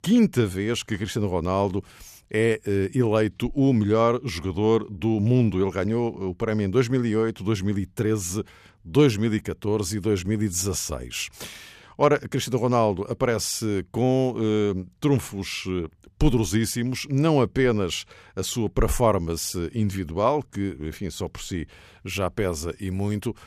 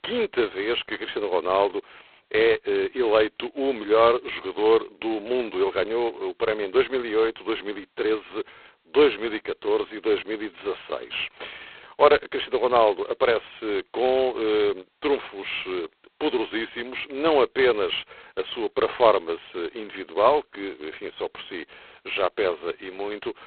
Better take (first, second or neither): first